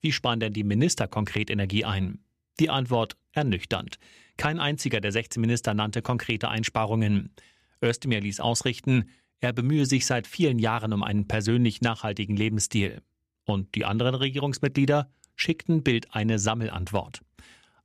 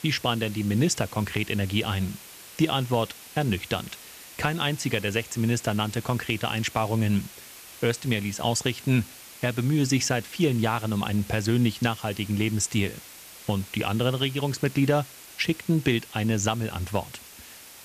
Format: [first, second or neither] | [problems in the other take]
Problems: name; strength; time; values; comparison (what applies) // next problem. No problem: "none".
first | hiss; noticeable; throughout; 15 dB below the speech